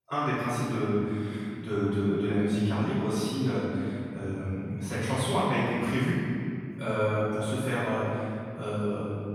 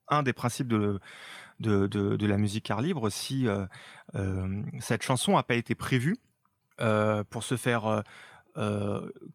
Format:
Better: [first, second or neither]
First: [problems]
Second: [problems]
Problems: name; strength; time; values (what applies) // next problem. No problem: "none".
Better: second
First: off-mic speech; far // room echo; strong; dies away in 2.4 s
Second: none